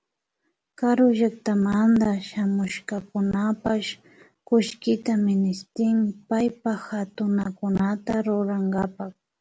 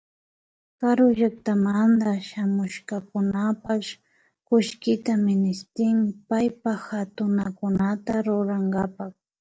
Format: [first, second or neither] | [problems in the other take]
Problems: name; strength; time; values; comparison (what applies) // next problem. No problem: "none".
first | noise reduction (neural mask model DeepFilterNet 3)